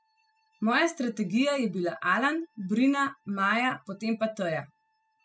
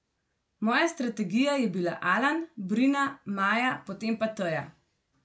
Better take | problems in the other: second | noise reduction (classical method spectral subtraction)

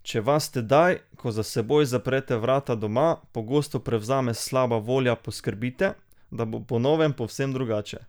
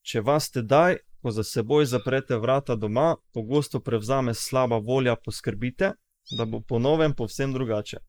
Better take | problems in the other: first | noise reduction (neural mask model Resemble Enhance denoiser)

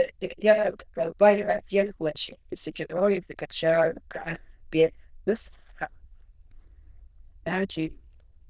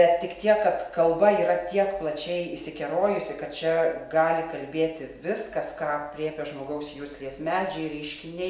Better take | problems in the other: second | noise reduction (neural diffusion model UNIVERSE++)

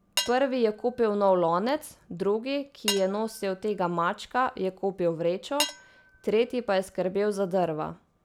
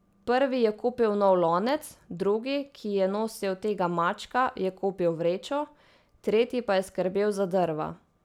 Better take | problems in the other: second | background sound (Cutlery, silverware / Dishes, pots, and pans); 12 dB below the speech

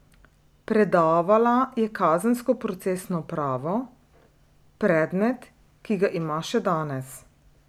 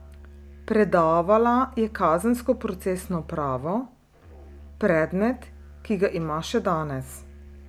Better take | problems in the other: first | background sound (Musical instrument); 20 dB below the speech

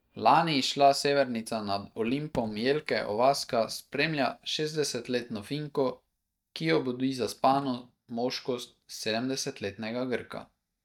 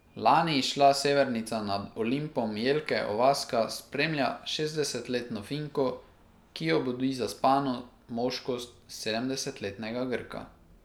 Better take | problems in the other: second | noise reduction (neural mask model DeepFilterNet 3)

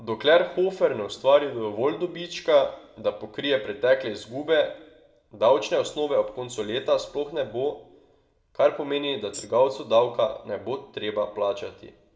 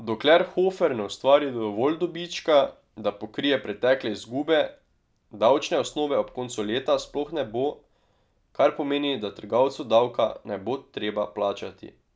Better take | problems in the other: second | background sound (Tambourine); 15 dB below the speech // room echo; dies away in 0.8 s

